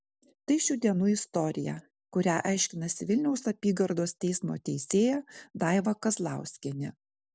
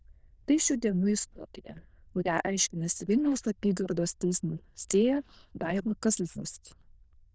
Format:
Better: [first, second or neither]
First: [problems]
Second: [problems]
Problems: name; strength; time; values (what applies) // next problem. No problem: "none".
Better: first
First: none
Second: noise reduction (neural diffusion model UNIVERSE++)